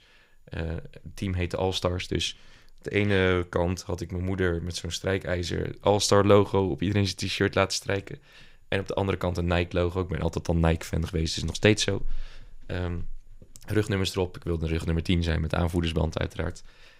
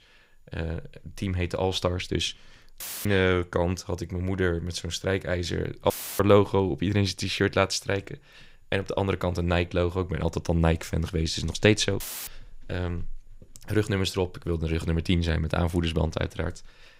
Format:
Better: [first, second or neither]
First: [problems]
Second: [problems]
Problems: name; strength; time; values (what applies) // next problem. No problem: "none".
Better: first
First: none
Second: audio cutting out; filled with static; at 3 s, at 6 s and at 12 s